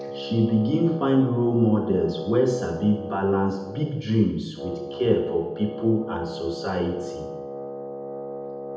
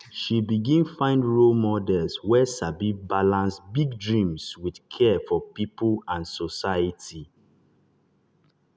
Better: second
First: background sound (Wind instrument, woodwind instrument); 10 dB below the speech // room echo; dies away in 0.8 s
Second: none

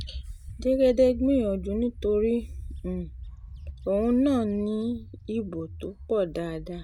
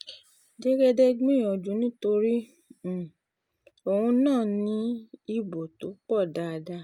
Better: second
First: background sound (Bird); 13 dB below the speech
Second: none

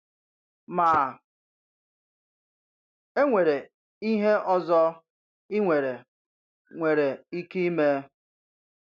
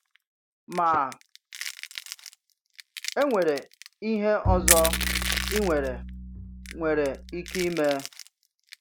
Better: first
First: none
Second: background sound (Crushing + Bowed string instrument); 3 dB below the speech

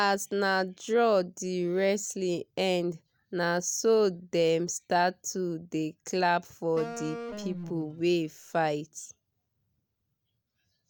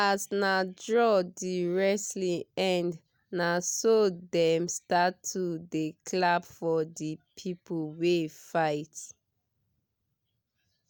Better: second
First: background sound (Wind instrument, woodwind instrument); 11 dB below the speech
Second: none

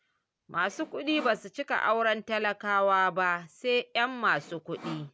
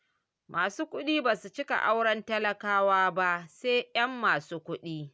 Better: second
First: background sound (Sawing); 17 dB below the speech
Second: none

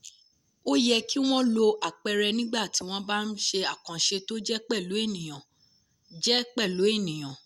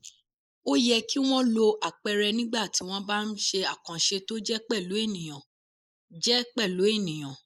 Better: first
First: none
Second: noise reduction (neural mask model Resemble Enhance denoiser)

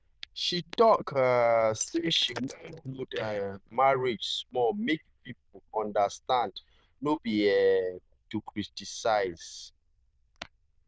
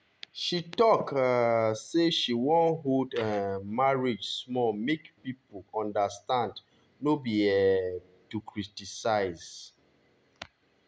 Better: second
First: noise reduction (neural diffusion model UNIVERSE++)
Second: none

